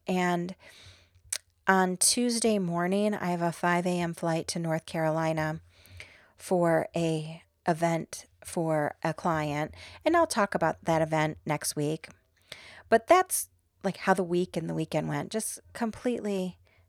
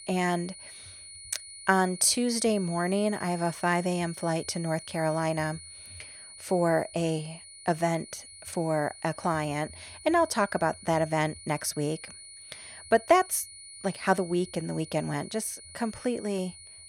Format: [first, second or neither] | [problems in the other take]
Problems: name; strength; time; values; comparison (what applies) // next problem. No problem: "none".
first | high-pitched whine; noticeable; throughout; 9.5 kHz, 15 dB below the speech